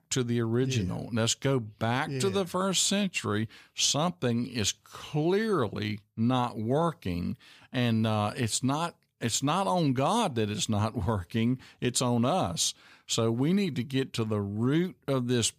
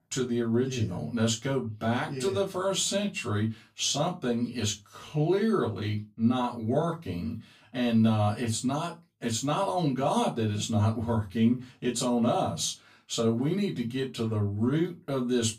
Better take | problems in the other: first | off-mic speech; far // room echo; very slight; dies away in 0.2 s

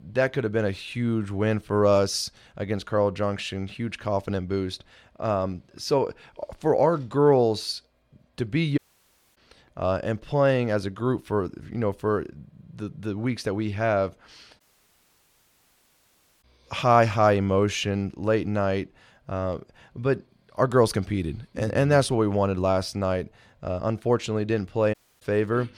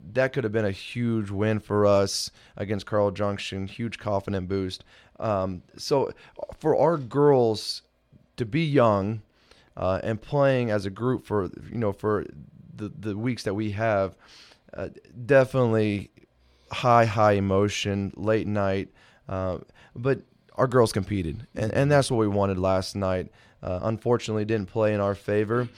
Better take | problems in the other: second | audio cutting out; at 9 s for 0.5 s, at 15 s for 2 s and at 25 s

